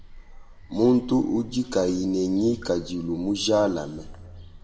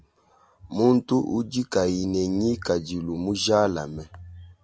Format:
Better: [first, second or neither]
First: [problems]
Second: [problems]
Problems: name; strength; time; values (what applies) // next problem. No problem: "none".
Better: second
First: background sound (Bird vocalization, bird call, bird song); 19 dB below the speech // room echo; dies away in 1.4 s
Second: none